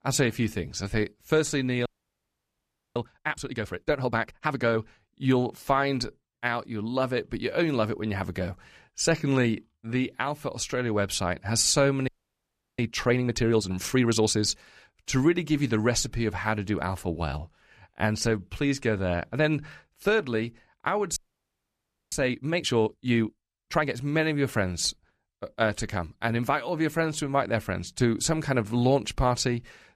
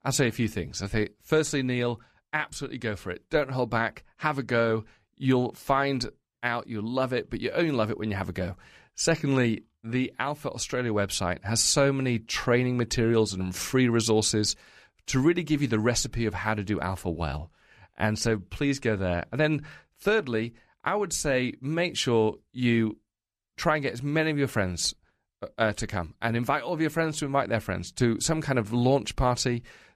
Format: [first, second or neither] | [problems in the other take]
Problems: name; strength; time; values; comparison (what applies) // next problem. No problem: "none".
second | audio freezing; at 2 s for 1 s, at 12 s for 0.5 s and at 21 s for 1 s